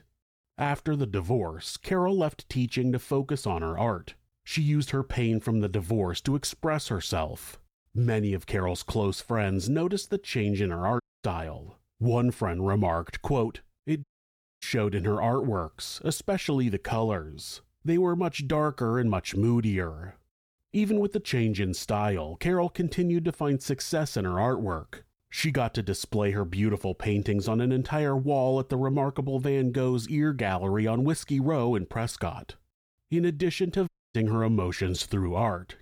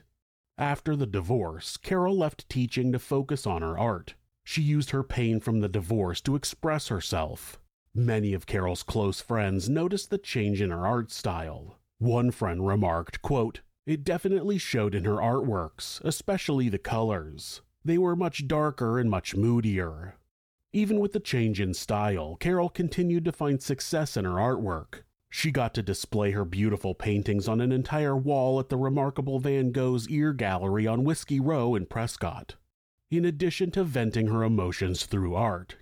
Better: second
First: audio cutting out; at 11 s, at 14 s for 0.5 s and at 34 s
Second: none

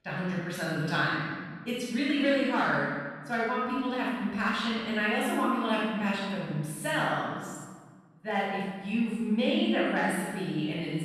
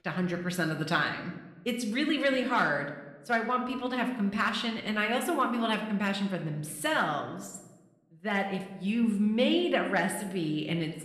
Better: second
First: room echo; strong; dies away in 1.3 s // off-mic speech; far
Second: room echo; slight; dies away in 0.8 s

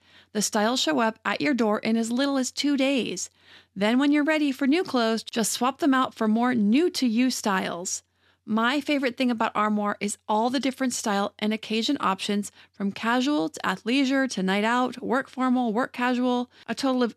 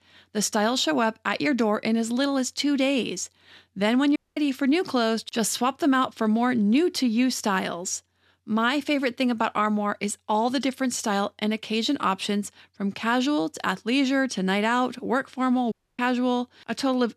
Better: first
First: none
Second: audio cutting out; at 4 s and at 16 s

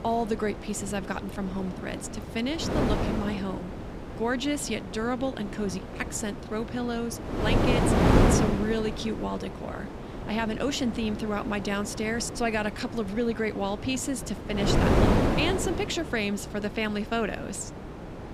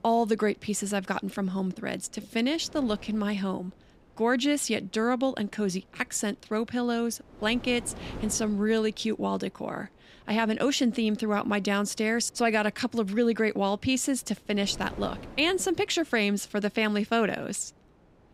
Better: second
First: wind noise on the microphone; heavy; 2 dB below the speech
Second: wind noise on the microphone; occasional gusts; 25 dB below the speech

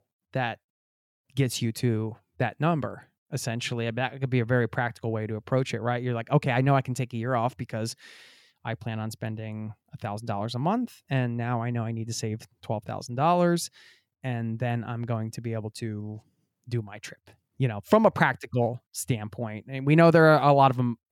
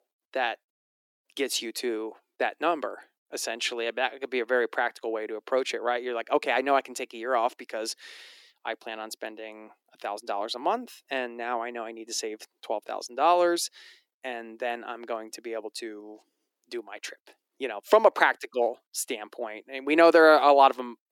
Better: first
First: none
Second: thin; very; fading below 300 Hz

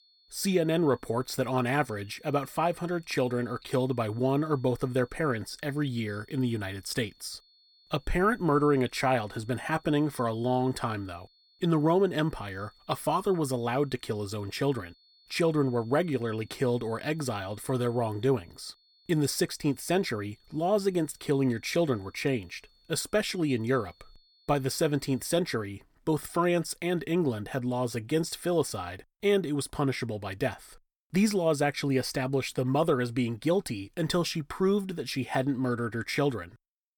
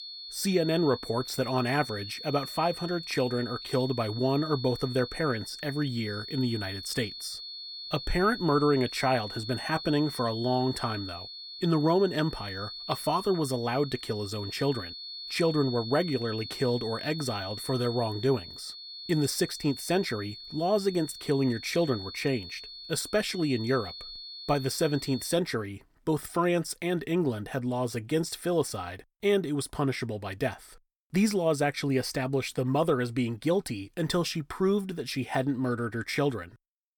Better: first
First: high-pitched whine; faint; until 25 s; 4.5 kHz, 30 dB below the speech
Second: high-pitched whine; loud; until 25 s; 4.5 kHz, 10 dB below the speech

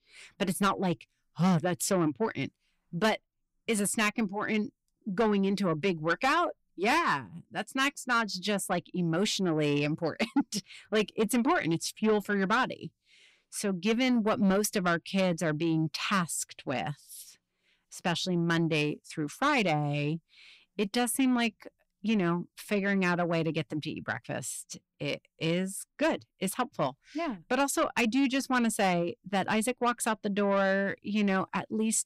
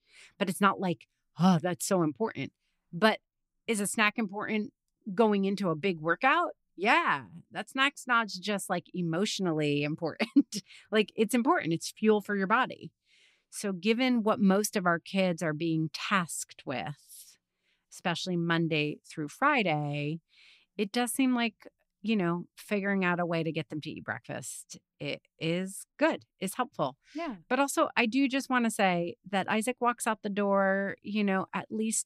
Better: second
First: distortion; slight; 10 dB below the speech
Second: none

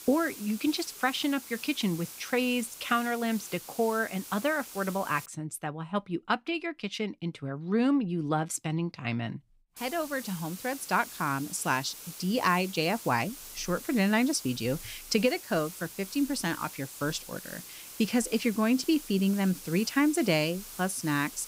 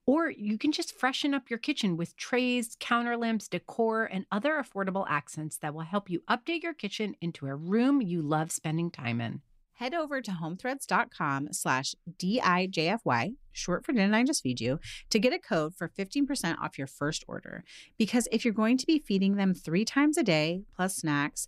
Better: second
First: hiss; noticeable; until 5.5 s and from 10 s on; 15 dB below the speech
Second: none

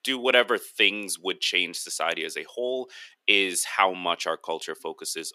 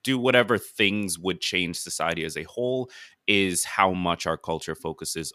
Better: second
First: thin; somewhat; fading below 350 Hz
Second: none

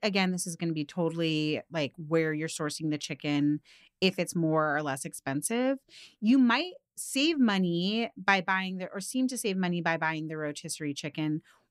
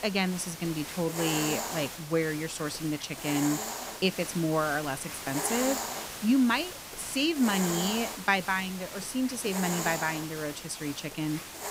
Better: first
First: none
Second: hiss; loud; throughout; 5 dB below the speech

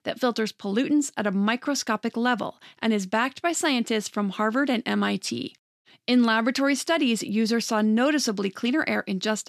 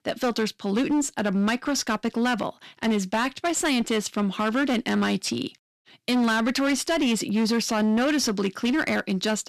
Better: first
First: none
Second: distortion; slight; 17% of the sound clipped

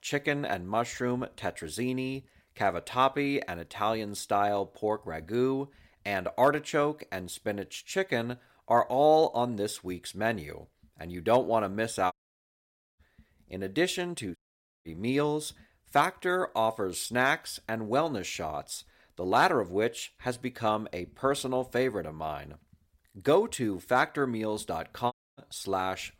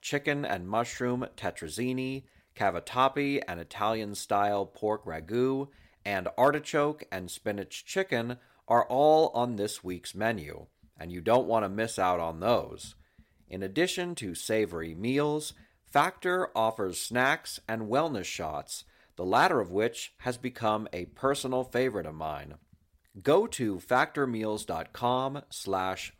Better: second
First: audio cutting out; at 12 s for 1 s, at 14 s and at 25 s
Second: none

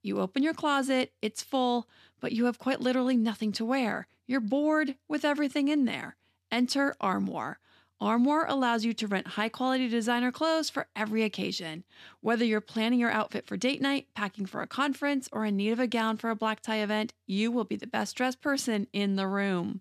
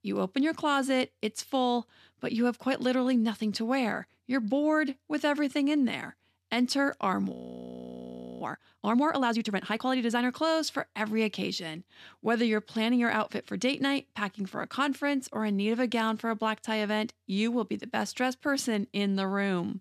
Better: first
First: none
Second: audio freezing; at 7.5 s for 1 s

